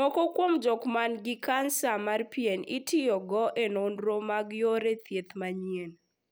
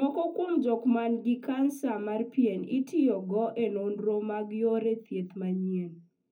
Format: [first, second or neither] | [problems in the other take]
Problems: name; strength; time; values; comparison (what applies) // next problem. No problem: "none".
first | room echo; dies away in 0.3 s